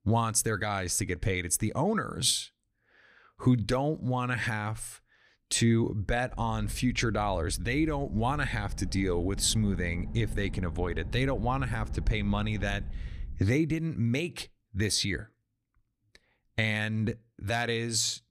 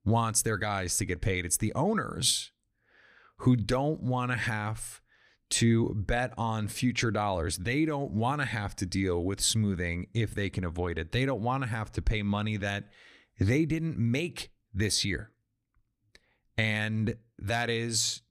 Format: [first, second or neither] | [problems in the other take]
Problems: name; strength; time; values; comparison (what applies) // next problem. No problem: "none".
second | low rumble; faint; from 6.5 to 13 s; 20 dB below the speech